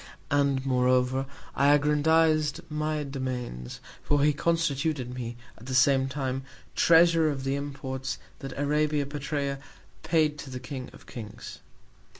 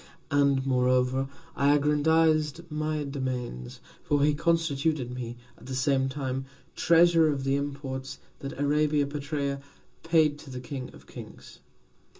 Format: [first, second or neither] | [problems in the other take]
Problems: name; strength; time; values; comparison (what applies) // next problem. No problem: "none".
first | room echo; dies away in 0.2 s